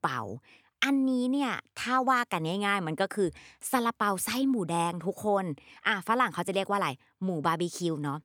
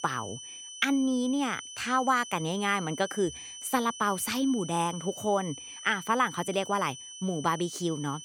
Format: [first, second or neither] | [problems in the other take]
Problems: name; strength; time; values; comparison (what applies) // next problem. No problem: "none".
first | high-pitched whine; noticeable; throughout; 3 kHz, 10 dB below the speech